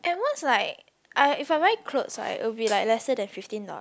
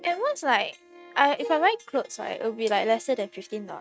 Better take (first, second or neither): first